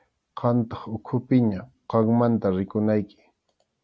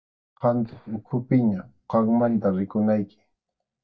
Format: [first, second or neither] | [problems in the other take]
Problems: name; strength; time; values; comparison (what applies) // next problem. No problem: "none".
first | noise reduction (neural mask model DeepFilterNet 3)